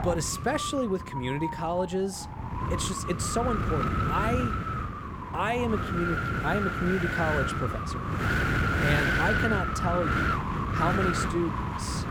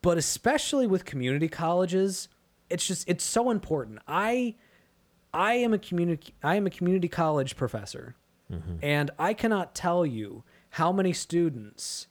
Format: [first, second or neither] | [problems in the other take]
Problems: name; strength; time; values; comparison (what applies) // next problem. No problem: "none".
second | wind noise on the microphone; heavy; 2 dB above the speech